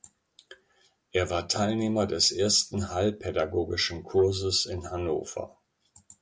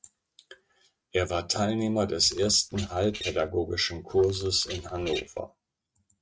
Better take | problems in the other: first | noise reduction (neural mask model RNNoise)

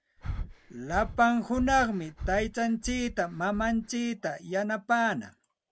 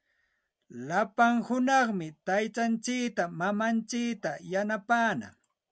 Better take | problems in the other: second | background sound (Breathing); 10 dB below the speech

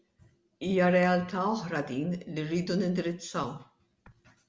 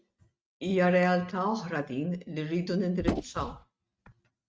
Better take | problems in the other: first | noise reduction (neural mask model RNNoise)

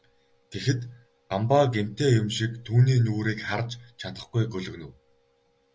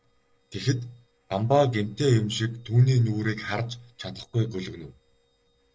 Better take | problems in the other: first | noise reduction (neural separator model SepFormer DNS4)

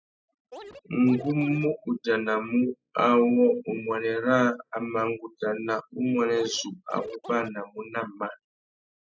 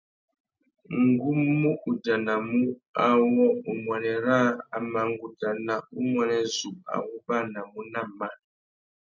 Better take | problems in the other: second | noise reduction (classical method spectral subtraction)

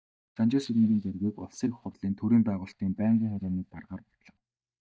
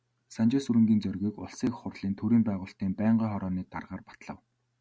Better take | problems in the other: second | noise reduction (neural mask model DeepFilterNet 3)

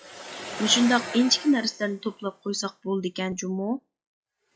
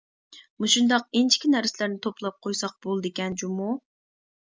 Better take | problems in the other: second | noise reduction (classical method log-MMSE)

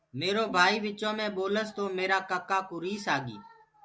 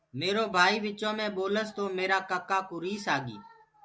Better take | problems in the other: second | background sound (Bowed string instrument); 19 dB below the speech

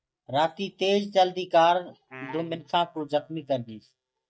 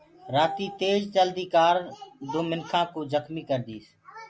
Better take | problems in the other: second | noise reduction (neural mask model DeepFilterNet 3)

